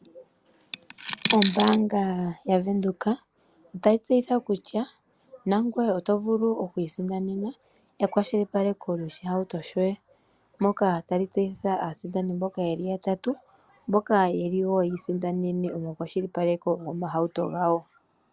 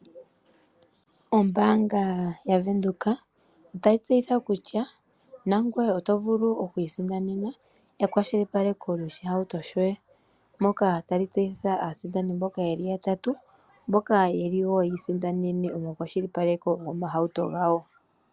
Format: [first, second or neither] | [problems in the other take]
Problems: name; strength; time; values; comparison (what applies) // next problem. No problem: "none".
second | background sound (Coin (dropping)); 5 dB below the speech